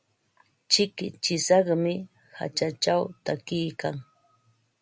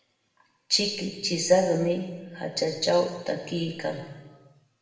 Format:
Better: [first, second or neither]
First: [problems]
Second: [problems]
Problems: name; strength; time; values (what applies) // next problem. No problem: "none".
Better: first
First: none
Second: room echo; dies away in 1.1 s